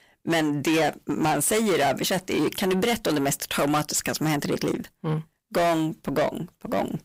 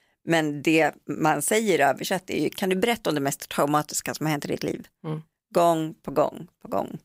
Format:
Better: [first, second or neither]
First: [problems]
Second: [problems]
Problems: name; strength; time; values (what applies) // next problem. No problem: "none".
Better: second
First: distortion; heavy; 6 dB below the speech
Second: none